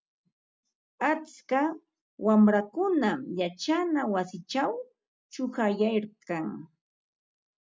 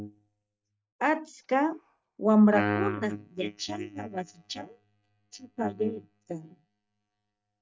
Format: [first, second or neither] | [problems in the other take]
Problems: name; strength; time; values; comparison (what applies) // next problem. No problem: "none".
first | noise reduction (neural mask model DeepFilterNet 3)